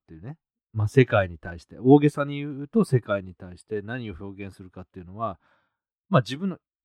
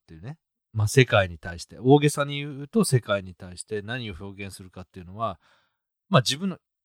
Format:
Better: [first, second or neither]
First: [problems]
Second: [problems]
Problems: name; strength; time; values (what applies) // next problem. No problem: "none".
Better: second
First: muffled; slightly; fading above 3 kHz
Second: none